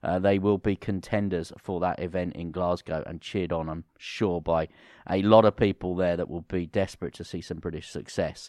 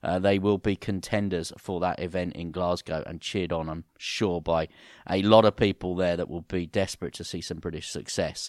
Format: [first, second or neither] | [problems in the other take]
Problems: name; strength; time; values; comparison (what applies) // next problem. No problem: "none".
second | muffled; slightly; fading above 3 kHz